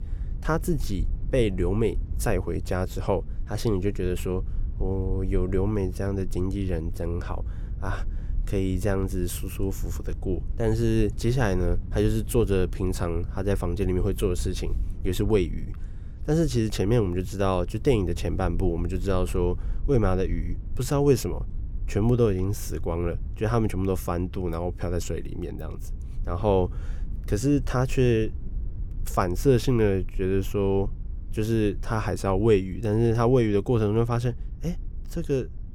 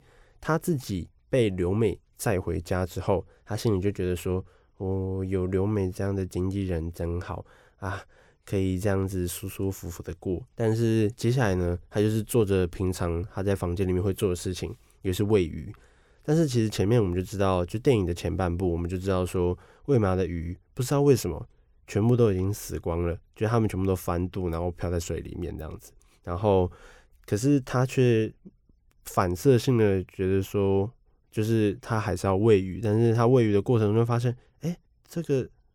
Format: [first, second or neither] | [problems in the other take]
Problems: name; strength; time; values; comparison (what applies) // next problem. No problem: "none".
second | low rumble; faint; throughout; 25 dB below the speech